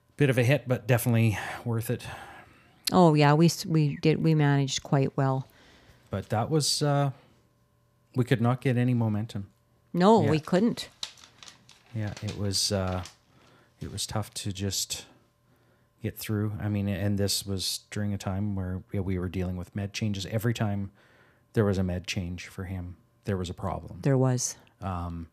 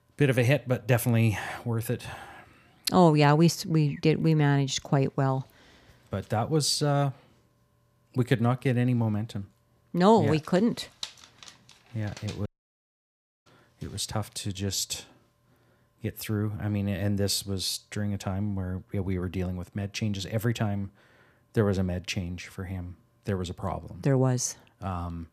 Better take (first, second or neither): first